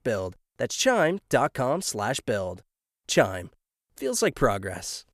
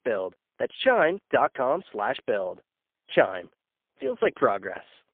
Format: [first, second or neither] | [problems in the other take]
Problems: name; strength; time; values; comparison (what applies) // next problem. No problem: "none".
first | phone-call audio; poor line; nothing above 3.5 kHz